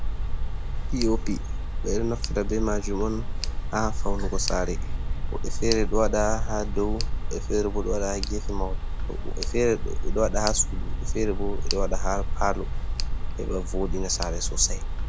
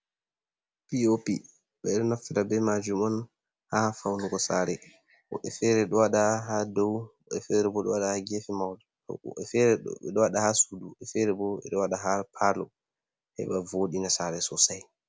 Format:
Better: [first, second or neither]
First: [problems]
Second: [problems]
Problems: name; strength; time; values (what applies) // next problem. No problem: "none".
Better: second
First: background sound (Tick); 4 dB above the speech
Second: none